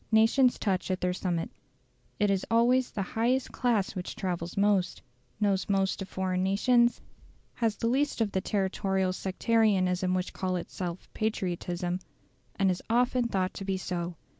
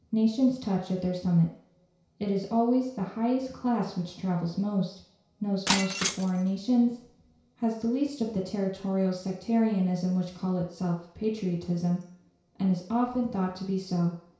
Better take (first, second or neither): first